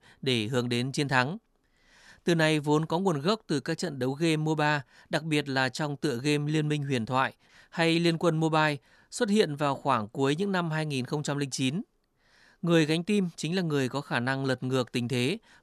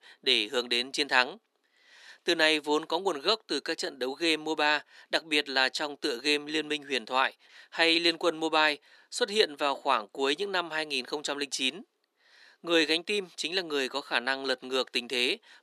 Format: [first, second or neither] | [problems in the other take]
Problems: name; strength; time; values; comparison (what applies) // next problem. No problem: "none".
first | thin; somewhat; fading below 300 Hz